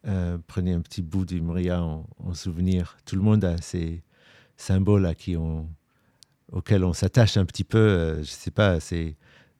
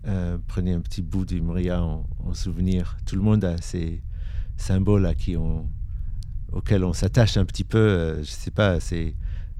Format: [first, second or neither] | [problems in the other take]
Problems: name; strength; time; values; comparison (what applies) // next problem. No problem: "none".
first | low rumble; faint; throughout; 25 dB below the speech